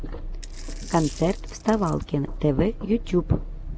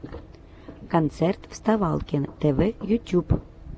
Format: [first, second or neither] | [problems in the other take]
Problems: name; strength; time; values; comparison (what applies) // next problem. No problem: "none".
second | background sound (Growling + Coin (dropping)); 9 dB below the speech